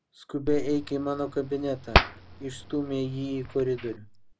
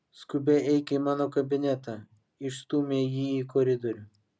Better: second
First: background sound (Hands); 1 dB below the speech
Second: none

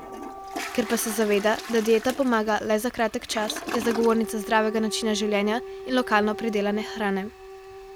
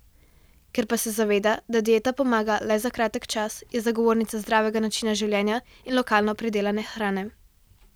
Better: second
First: background sound (Siren / Dog + Toilet flush); 11 dB below the speech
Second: none

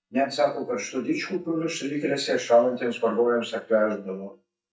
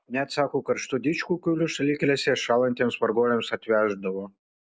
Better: second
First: noise reduction (neural mask model DeepFilterNet 3)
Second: none

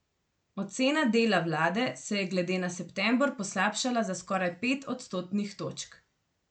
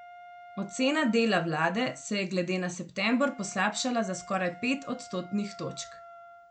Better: first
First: none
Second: background sound (Wind instrument, woodwind instrument); 19 dB below the speech

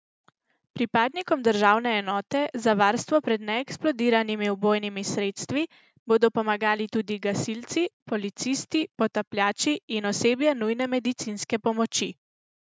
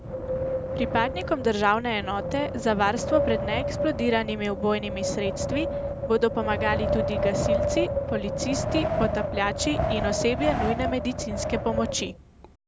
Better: first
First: none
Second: background sound (Wind); 1 dB below the speech

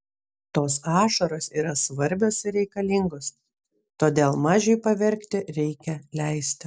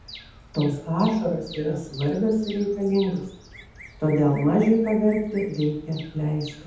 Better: first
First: none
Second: background sound (Bird vocalization, bird call, bird song); 19 dB below the speech // room echo; dies away in 0.8 s

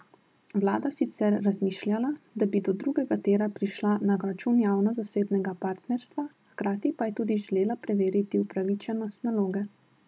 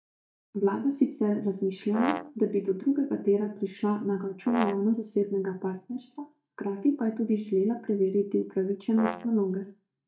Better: first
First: none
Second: noise reduction (neural mask model DeepFilterNet 3)

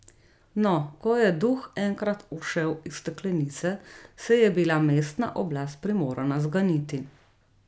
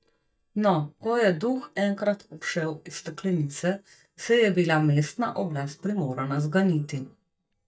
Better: first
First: none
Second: noise reduction (neural mask model DeepFilterNet 3)

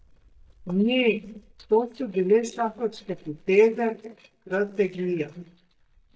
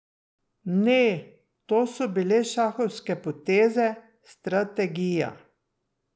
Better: second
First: noise reduction (neural mask model DeepFilterNet 3)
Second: none

